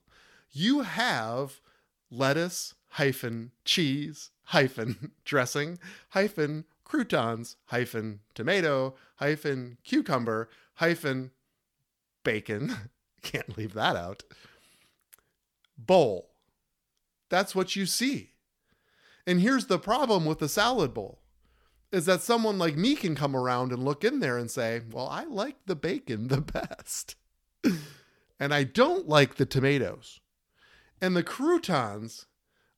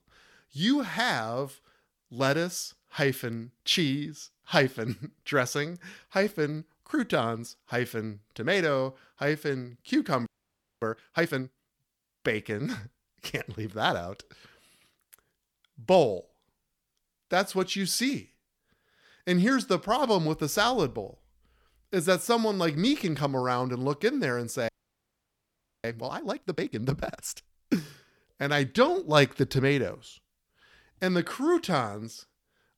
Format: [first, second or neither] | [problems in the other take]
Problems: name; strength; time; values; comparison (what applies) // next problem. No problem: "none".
first | audio freezing; at 10 s for 0.5 s and at 25 s for 1 s